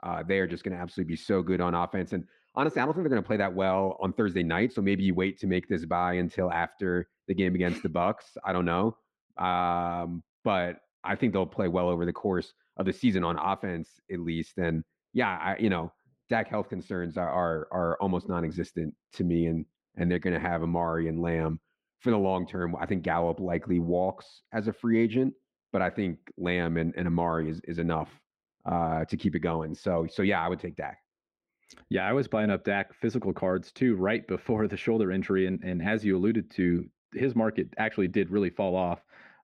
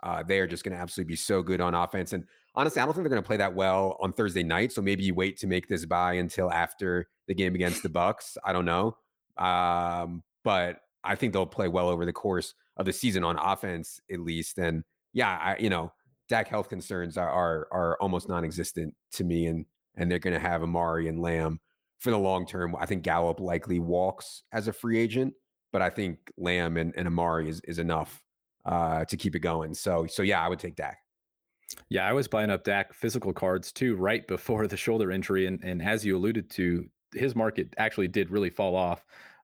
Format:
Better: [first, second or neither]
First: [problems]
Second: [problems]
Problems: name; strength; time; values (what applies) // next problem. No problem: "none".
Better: second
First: muffled; slightly; fading above 3 kHz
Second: none